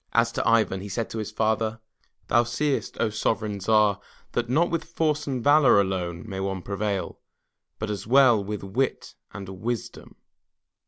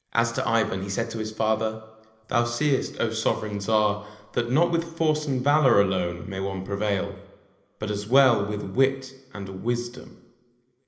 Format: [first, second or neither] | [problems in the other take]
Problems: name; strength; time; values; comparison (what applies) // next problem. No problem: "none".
first | room echo; dies away in 0.8 s